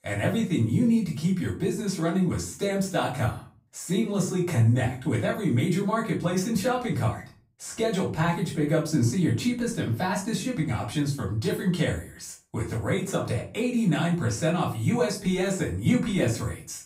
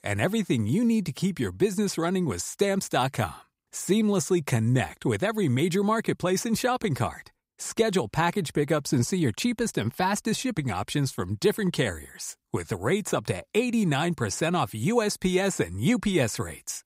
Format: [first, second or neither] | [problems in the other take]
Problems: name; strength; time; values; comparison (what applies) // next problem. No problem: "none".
second | off-mic speech; far // room echo; slight; dies away in 0.3 s